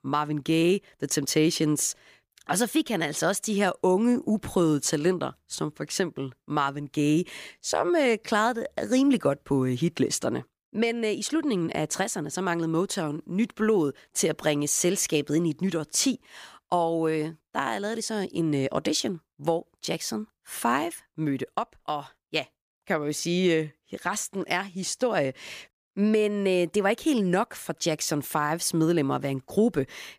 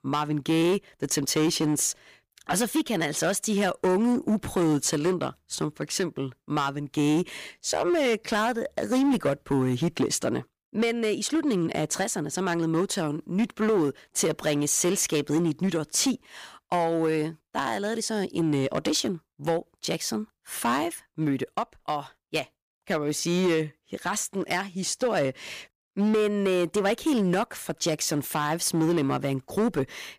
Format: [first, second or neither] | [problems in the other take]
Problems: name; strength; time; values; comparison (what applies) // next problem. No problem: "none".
first | distortion; slight; 8% of the sound clipped